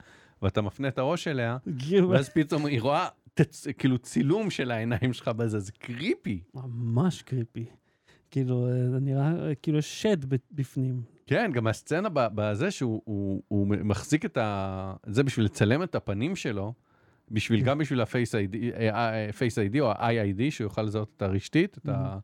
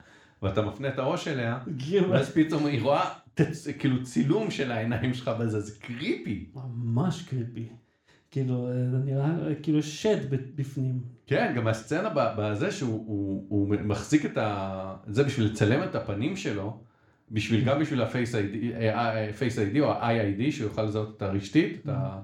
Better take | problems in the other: first | room echo; slight; dies away in 0.4 s

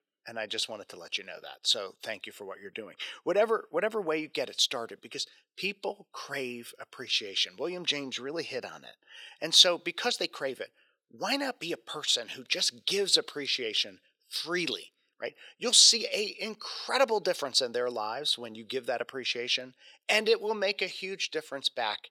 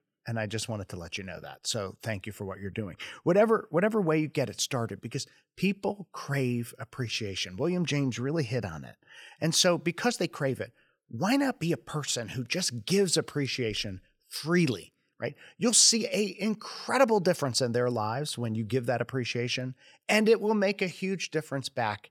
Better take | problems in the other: second | thin; somewhat; fading below 450 Hz

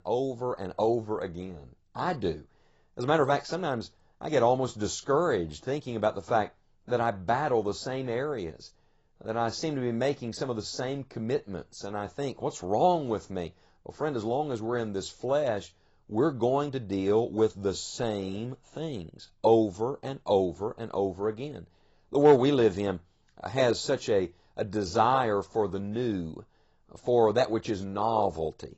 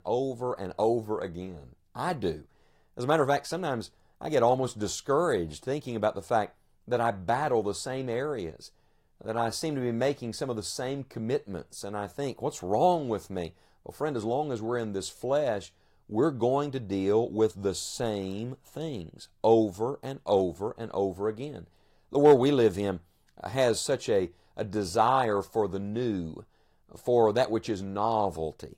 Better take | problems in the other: second | garbled, watery; badly; nothing above 7.5 kHz; slightly in the second

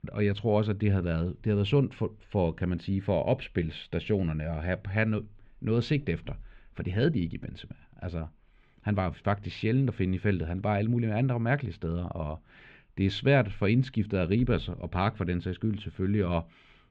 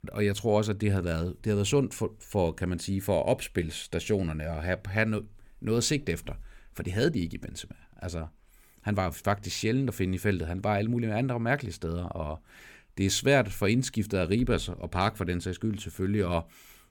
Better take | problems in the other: second | muffled; slightly; fading above 3.5 kHz

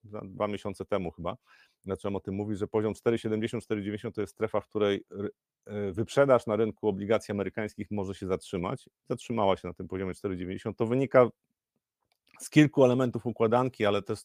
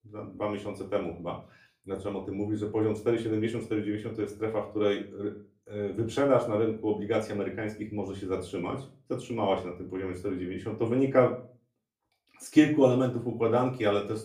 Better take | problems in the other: first | off-mic speech; far // room echo; very slight; dies away in 0.3 s

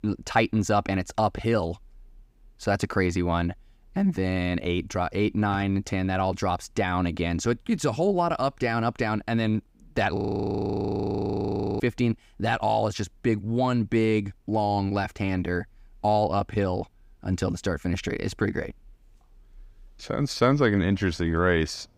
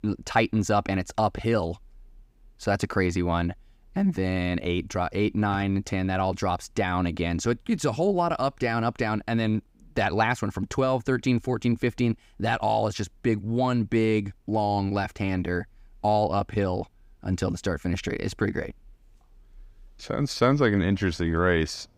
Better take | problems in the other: second | audio freezing; at 10 s for 1.5 s

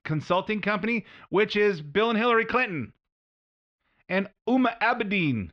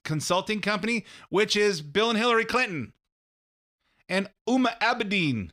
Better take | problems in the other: second | muffled; slightly; fading above 3 kHz

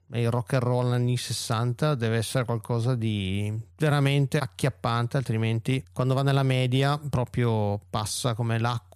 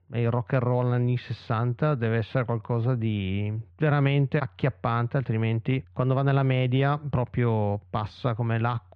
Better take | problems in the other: first | muffled; very; fading above 3 kHz

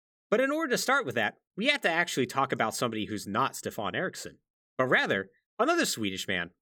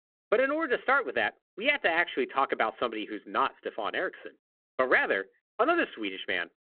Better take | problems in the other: first | phone-call audio

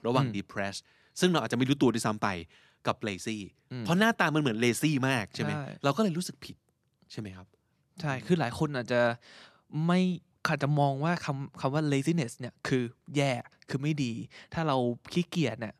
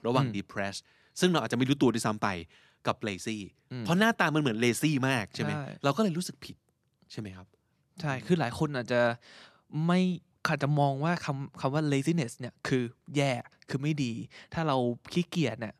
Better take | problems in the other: neither | none

